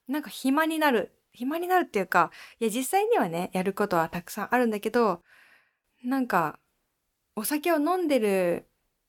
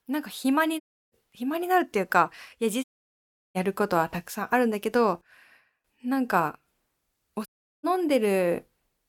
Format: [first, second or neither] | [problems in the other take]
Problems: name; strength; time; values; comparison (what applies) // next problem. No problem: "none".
first | audio cutting out; at 1 s, at 3 s for 0.5 s and at 7.5 s